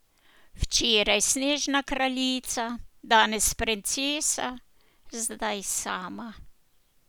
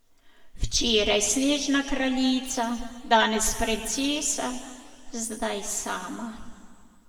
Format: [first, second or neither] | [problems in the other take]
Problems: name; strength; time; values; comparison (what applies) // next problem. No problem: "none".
first | room echo; dies away in 1.8 s